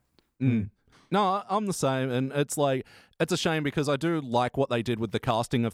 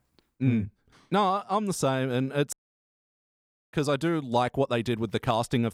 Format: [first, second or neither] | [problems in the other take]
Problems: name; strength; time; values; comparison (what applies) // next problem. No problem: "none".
first | audio cutting out; at 2.5 s for 1 s